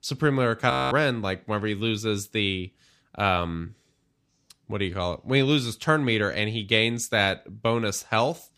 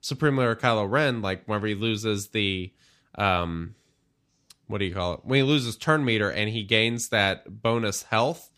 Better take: second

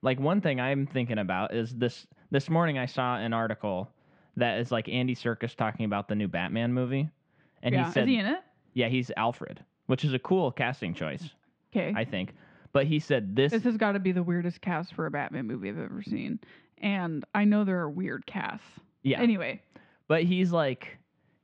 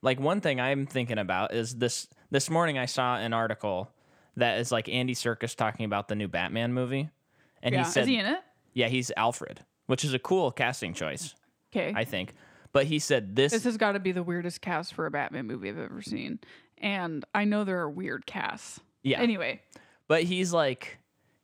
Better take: second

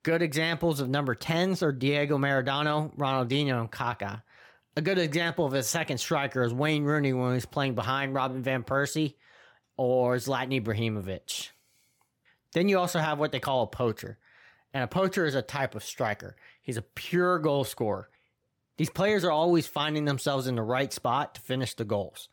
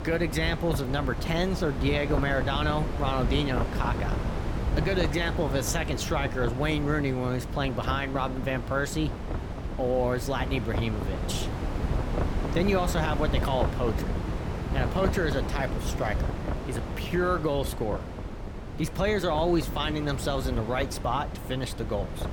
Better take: first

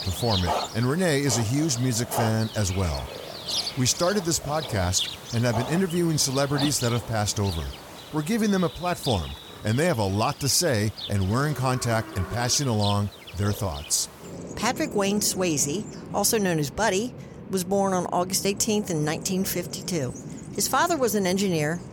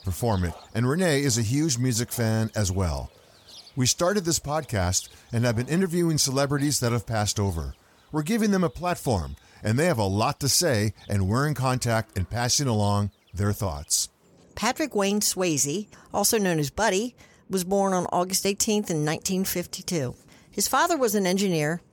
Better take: second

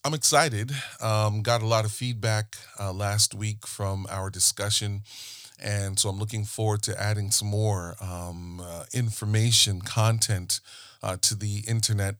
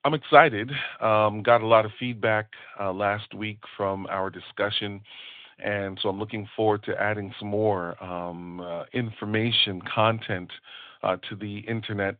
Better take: first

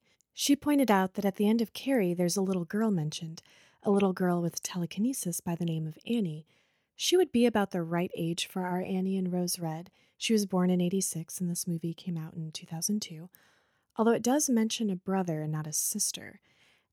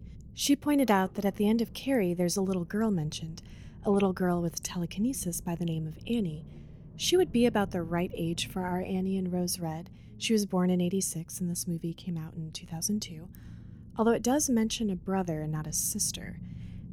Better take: first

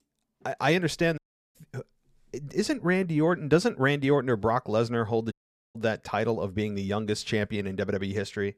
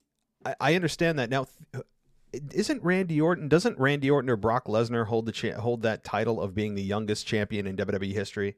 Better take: second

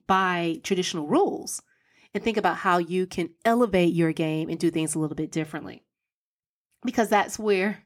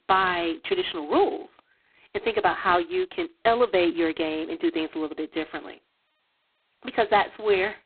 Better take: first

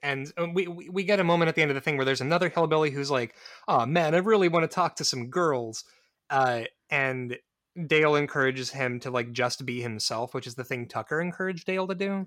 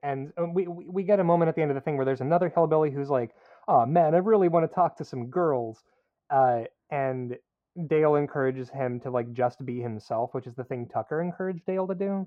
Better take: first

